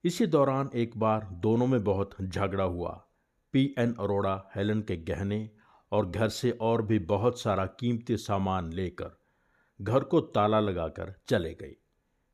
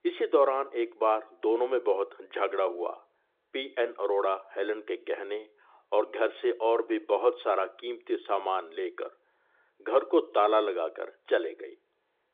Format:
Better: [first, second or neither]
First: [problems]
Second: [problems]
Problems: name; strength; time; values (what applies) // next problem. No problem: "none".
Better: first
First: none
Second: phone-call audio; nothing above 3.5 kHz